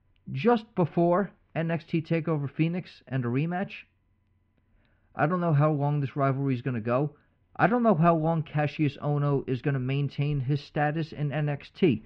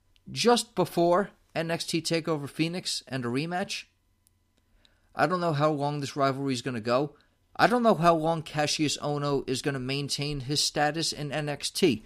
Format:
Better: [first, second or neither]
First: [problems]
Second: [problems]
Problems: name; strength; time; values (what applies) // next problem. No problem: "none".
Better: second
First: muffled; very; fading above 2.5 kHz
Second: none